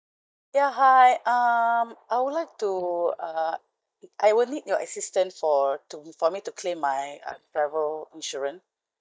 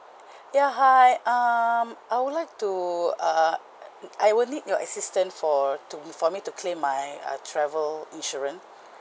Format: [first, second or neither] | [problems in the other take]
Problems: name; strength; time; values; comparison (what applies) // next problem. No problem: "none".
second | noise reduction (neural mask model DeepFilterNet 3)